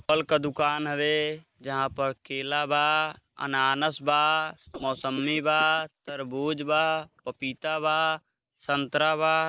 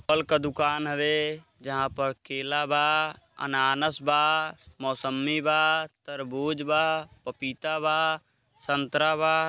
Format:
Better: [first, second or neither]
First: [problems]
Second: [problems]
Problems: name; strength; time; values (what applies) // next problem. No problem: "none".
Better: second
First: noise reduction (neural mask model Resemble Enhance denoiser)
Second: none